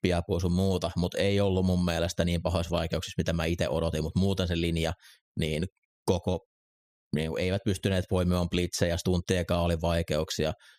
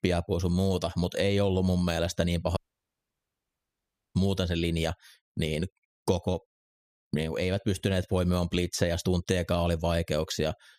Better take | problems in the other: first | audio cutting out; at 2.5 s for 1.5 s

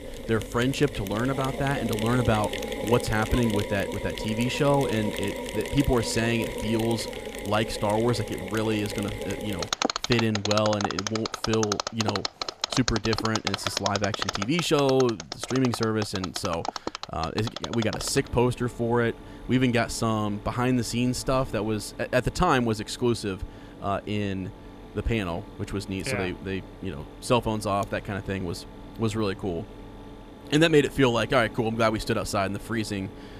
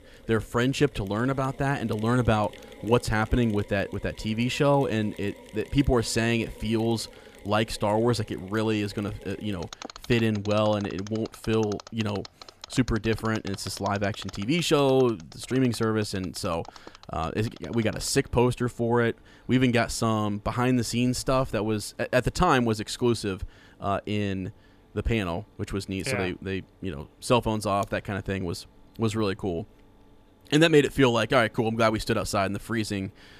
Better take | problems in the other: second | machinery noise; loud; throughout; 7 dB below the speech; faint in the second

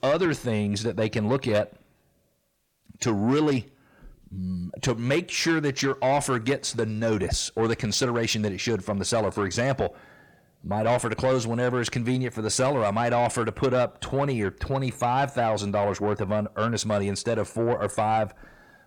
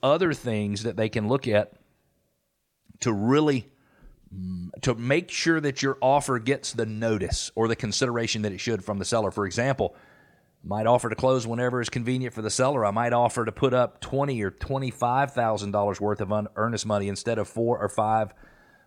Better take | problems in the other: second | distortion; slight; 10 dB below the speech

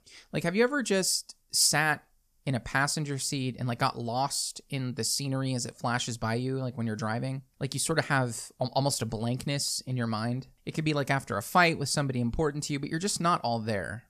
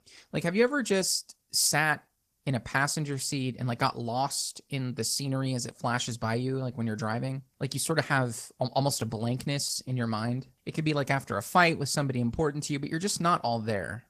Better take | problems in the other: first | garbled, watery; slightly; nothing above 14.5 kHz

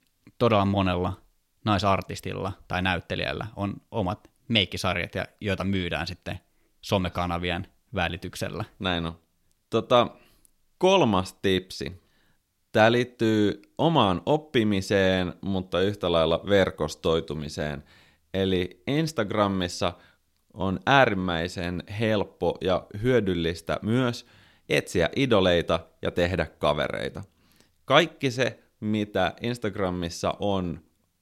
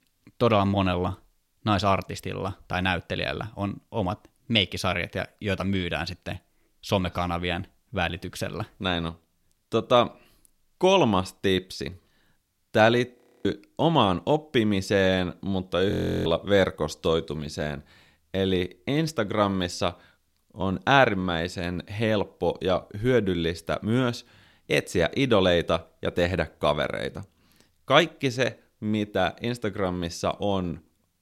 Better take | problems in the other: first | audio freezing; at 13 s and at 16 s

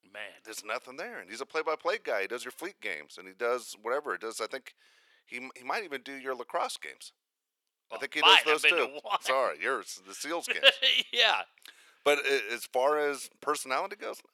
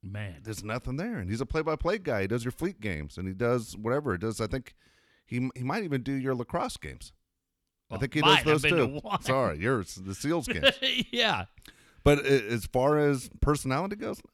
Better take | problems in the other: second | thin; very; fading below 500 Hz

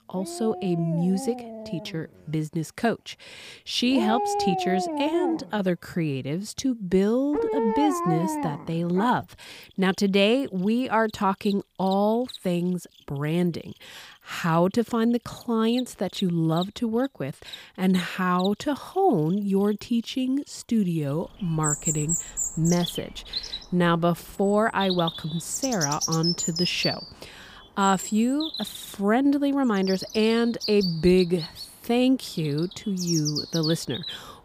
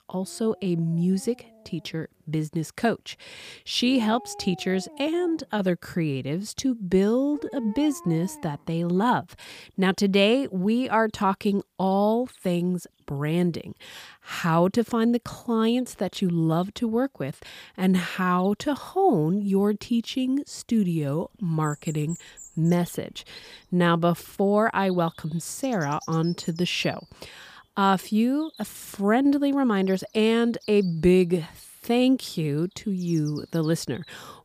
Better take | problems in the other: second | animal sounds; loud; throughout; 6 dB below the speech; faint in the second

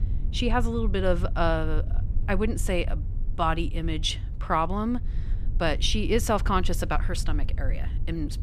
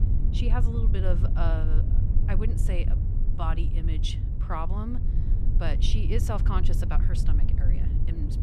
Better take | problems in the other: first | low rumble; loud; throughout; 6 dB below the speech; faint in the first

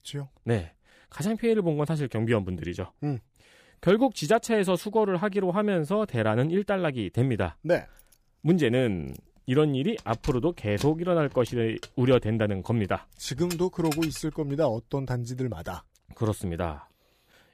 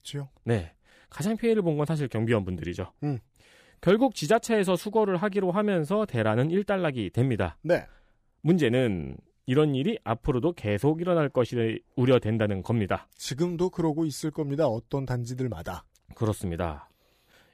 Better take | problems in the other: second | jangling keys; noticeable; from 9 to 14 s; peak 9 dB below the speech

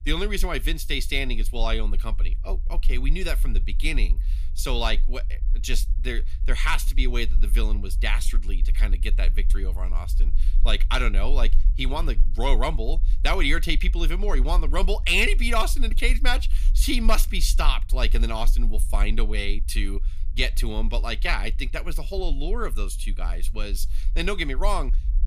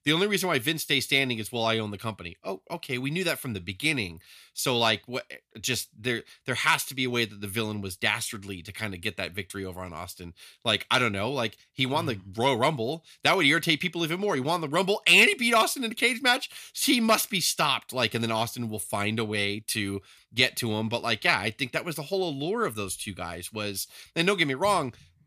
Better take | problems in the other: second | low rumble; faint; throughout; 25 dB below the speech

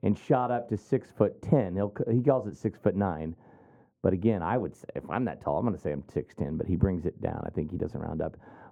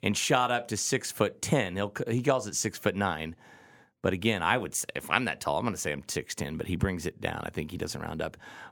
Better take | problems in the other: second | muffled; very; fading above 1.5 kHz

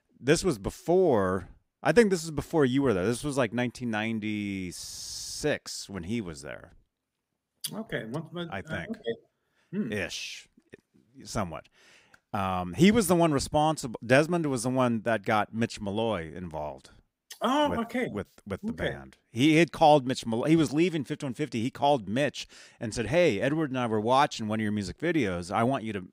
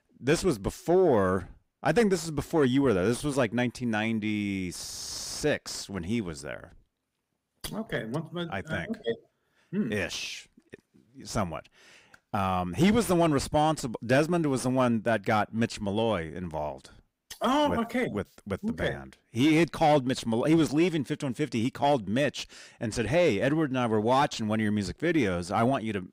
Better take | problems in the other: first | distortion; slight; 10 dB below the speech

